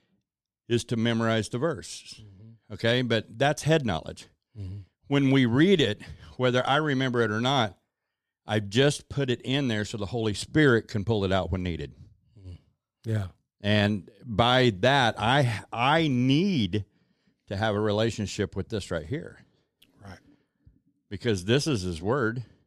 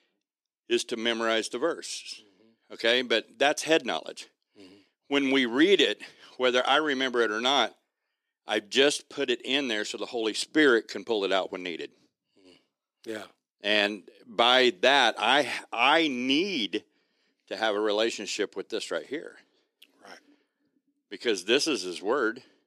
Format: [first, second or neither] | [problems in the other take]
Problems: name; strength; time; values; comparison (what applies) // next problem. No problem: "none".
first | thin; somewhat; fading below 300 Hz